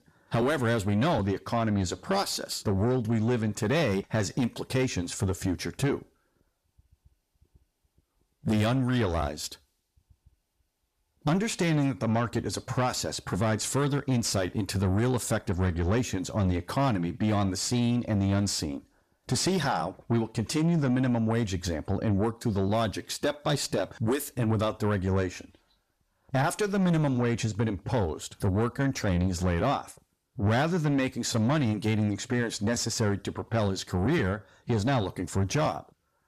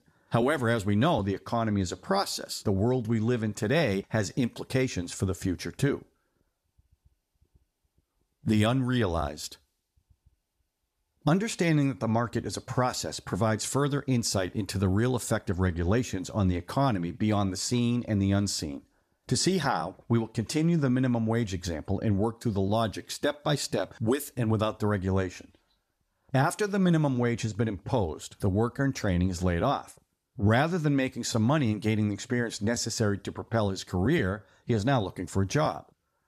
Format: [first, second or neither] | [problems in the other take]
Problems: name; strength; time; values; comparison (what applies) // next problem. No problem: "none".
second | distortion; slight; 10 dB below the speech